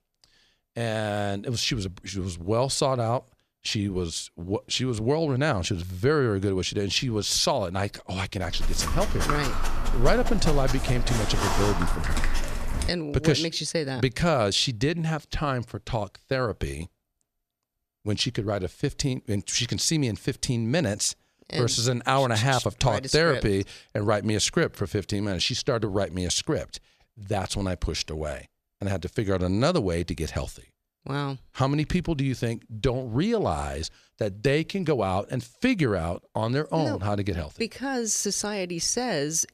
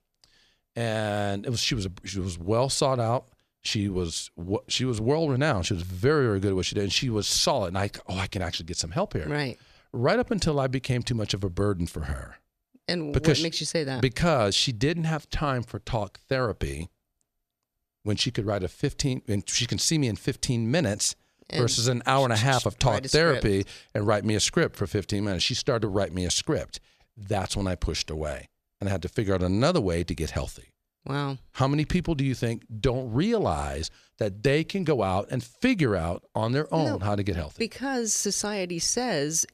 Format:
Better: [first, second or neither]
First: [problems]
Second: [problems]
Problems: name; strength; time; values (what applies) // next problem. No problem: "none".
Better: second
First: dog barking; noticeable; from 8.5 to 13 s; peak level with the speech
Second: none